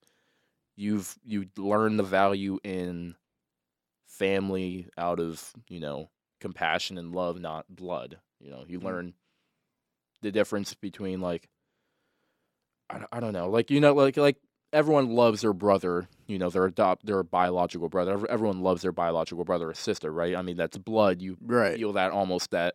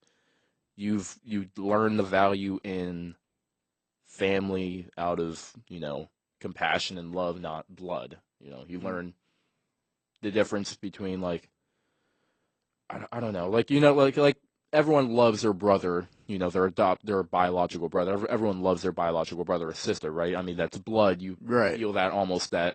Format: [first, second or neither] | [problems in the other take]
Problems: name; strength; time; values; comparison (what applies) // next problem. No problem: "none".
first | garbled, watery; slightly; nothing above 8.5 kHz